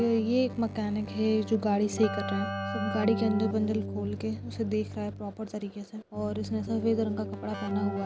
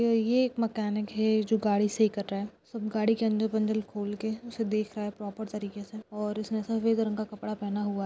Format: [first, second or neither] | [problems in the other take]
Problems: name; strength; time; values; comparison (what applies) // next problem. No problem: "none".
second | background sound (Keyboard (musical)); 7 dB below the speech